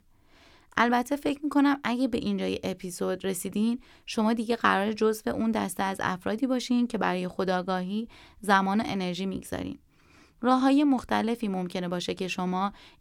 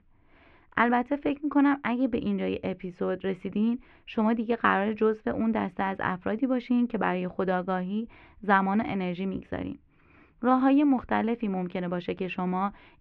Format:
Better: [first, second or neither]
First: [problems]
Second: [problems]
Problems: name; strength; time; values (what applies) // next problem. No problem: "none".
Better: first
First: none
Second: muffled; very; fading above 2.5 kHz